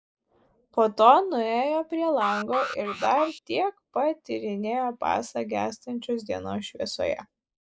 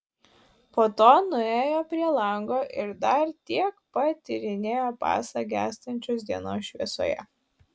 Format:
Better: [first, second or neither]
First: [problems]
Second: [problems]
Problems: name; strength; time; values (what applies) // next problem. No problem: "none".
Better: second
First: noise reduction (neural mask model Resemble Enhance denoiser)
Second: none